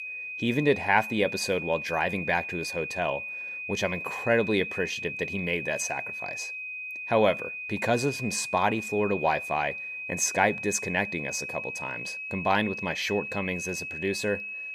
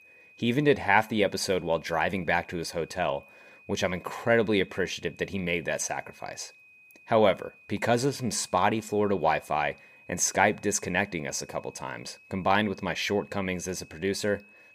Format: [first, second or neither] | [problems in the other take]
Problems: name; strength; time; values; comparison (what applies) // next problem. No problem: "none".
second | high-pitched whine; loud; throughout; 2.5 kHz, 6 dB below the speech; faint in the second